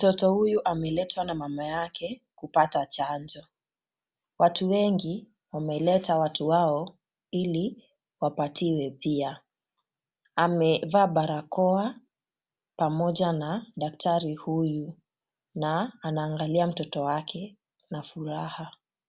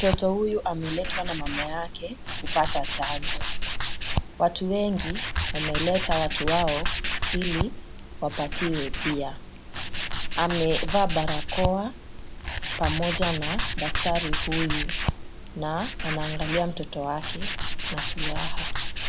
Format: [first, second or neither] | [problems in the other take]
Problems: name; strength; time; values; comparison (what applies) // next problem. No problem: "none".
first | background sound (Tools); 1 dB above the speech